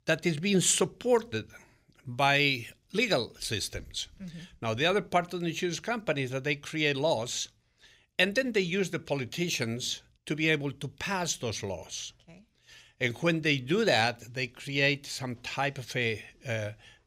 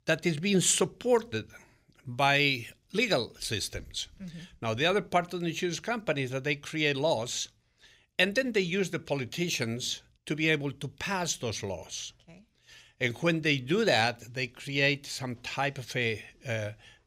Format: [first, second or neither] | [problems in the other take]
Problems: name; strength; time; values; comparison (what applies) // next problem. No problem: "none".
neither | none